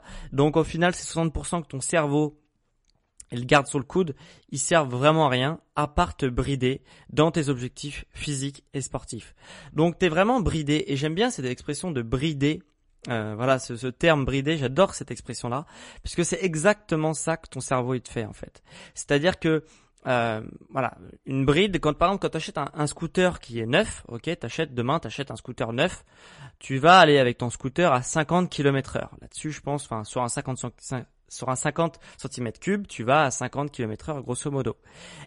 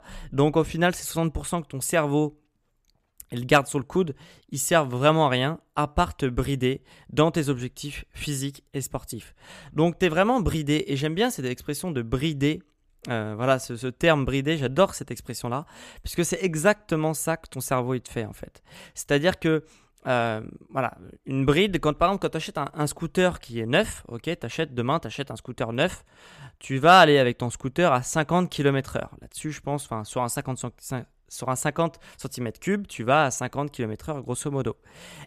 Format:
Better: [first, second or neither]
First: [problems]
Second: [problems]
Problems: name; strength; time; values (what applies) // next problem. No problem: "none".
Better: second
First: garbled, watery; slightly; nothing above 10.5 kHz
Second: none